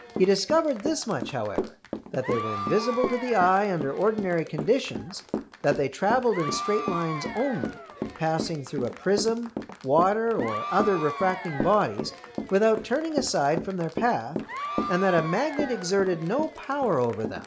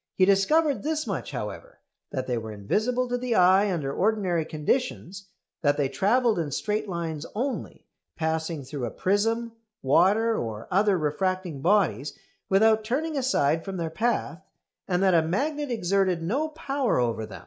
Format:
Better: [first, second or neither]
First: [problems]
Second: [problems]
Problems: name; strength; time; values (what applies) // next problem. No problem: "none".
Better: second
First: background sound (Applause / Crowd / Cheering + Walk, footsteps / Run); 8 dB below the speech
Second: none